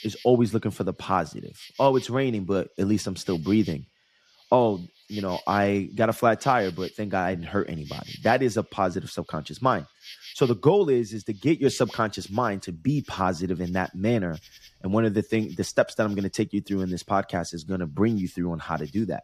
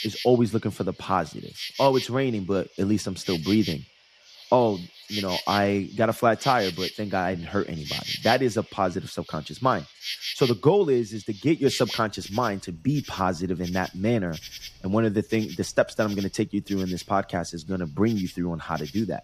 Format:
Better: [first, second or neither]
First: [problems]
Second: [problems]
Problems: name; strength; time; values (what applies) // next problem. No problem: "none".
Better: first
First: animal sounds; faint; throughout; 20 dB below the speech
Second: animal sounds; loud; throughout; 10 dB below the speech